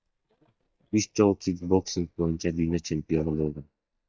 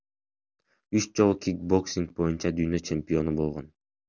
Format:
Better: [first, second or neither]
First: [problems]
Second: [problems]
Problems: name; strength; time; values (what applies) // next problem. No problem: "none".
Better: second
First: noise reduction (neural mask model DeepFilterNet 3)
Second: none